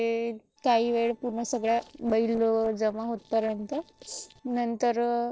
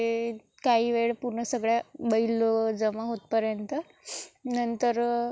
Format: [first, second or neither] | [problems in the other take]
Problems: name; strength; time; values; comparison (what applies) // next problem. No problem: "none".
second | noise reduction (neural separator model SepFormer DNS4)